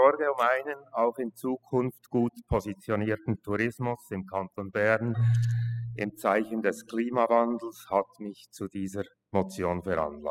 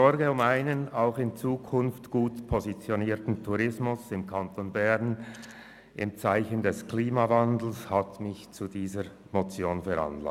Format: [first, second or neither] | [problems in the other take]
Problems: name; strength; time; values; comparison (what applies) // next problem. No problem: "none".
second | noise reduction (classical method spectral subtraction)